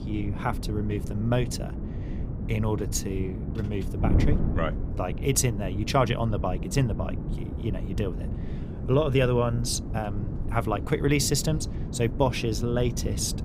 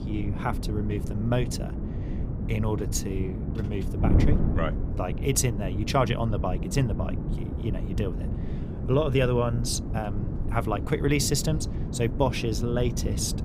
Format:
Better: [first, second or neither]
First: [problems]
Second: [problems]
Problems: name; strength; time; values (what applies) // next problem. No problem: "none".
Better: first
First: wind noise on the microphone; occasional gusts; 10 dB below the speech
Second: wind noise on the microphone; heavy; 9 dB below the speech